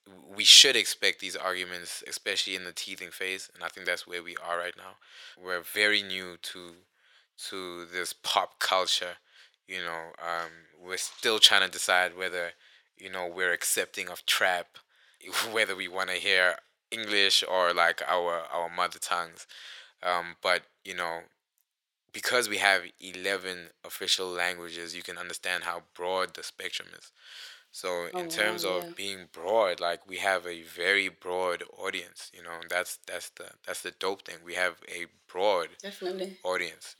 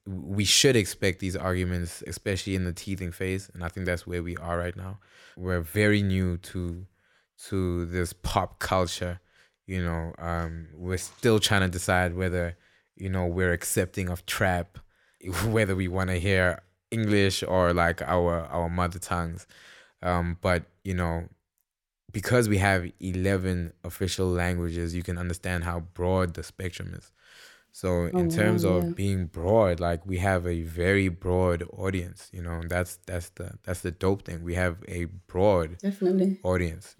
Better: second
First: thin; very; fading below 650 Hz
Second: none

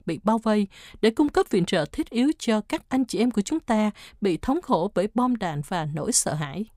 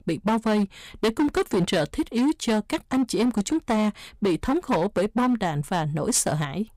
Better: first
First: none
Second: distortion; slight; 13% of the sound clipped

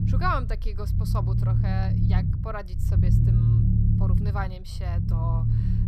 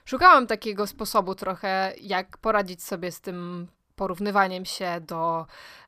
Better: second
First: low rumble; loud; throughout; 3 dB below the speech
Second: none

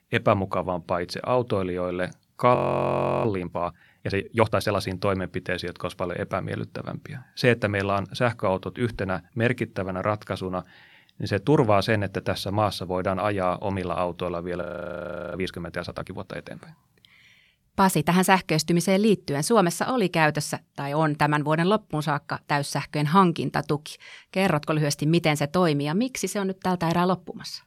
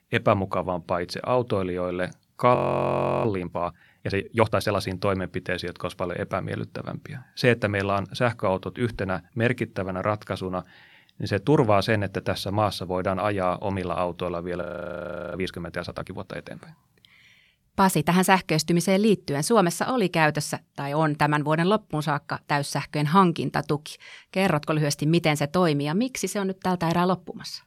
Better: neither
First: audio freezing; at 2.5 s for 0.5 s and at 15 s for 0.5 s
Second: audio freezing; at 2.5 s for 0.5 s and at 15 s for 0.5 s

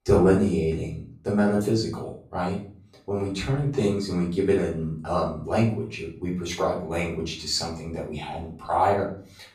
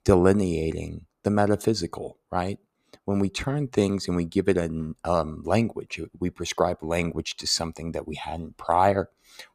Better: second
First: off-mic speech; far // room echo; slight; dies away in 0.4 s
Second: none

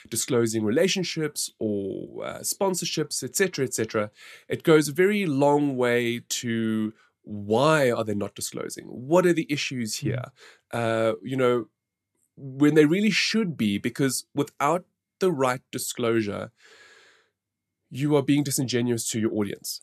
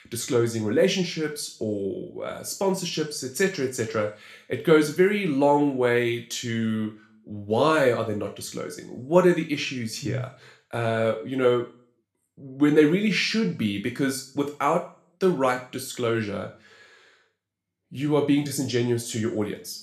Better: first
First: none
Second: room echo; slight; dies away in 0.4 s

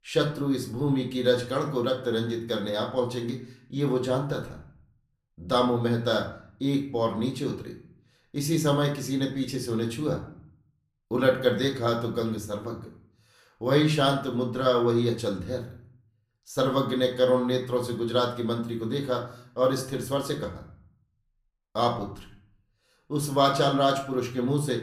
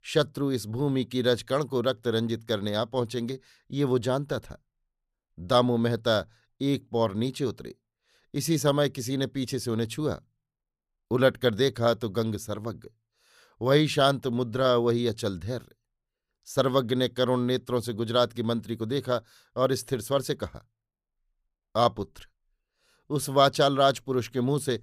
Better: second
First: room echo; slight; dies away in 0.5 s // off-mic speech; somewhat distant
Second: none

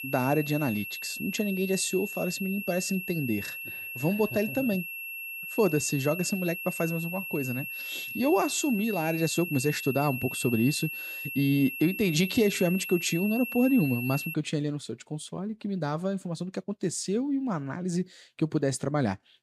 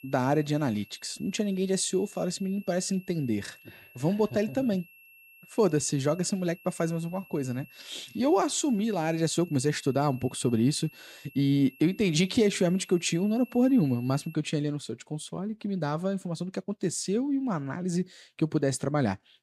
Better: second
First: high-pitched whine; loud; until 14 s; 2.5 kHz, 6 dB below the speech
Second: high-pitched whine; faint; until 14 s; 2.5 kHz, 25 dB below the speech

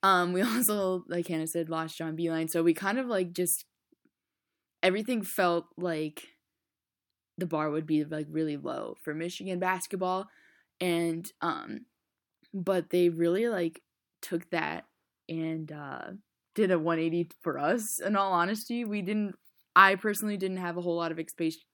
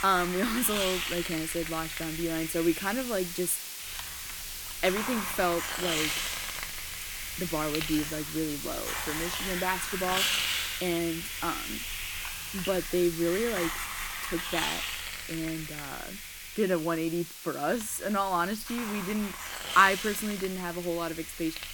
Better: first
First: none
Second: hiss; loud; throughout; 3 dB below the speech

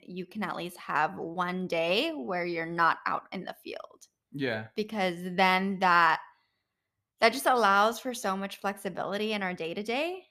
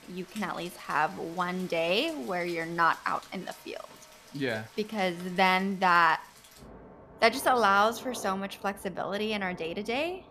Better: first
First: none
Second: rain or running water; faint; throughout; 20 dB below the speech

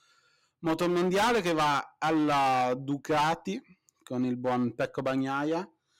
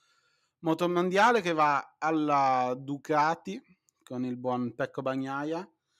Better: second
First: distortion; heavy; 13% of the sound clipped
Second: none

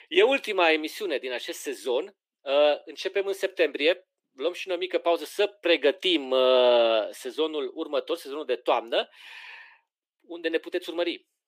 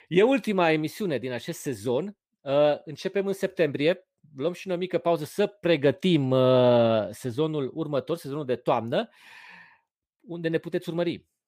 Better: second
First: thin; somewhat; fading below 300 Hz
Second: none

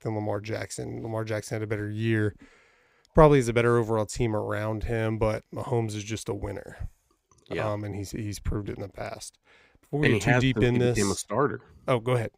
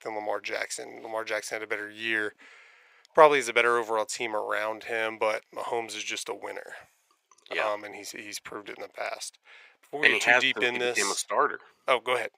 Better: first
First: none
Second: thin; very; fading below 650 Hz

